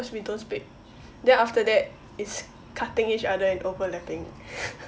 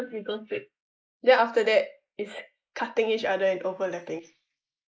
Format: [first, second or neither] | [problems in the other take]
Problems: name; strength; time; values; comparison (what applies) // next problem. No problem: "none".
first | noise reduction (neural mask model Resemble Enhance denoiser)